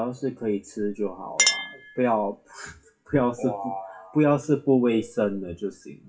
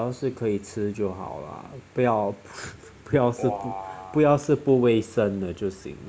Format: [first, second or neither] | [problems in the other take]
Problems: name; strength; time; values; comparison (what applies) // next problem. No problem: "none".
second | noise reduction (classical method WPE with log-MMSE)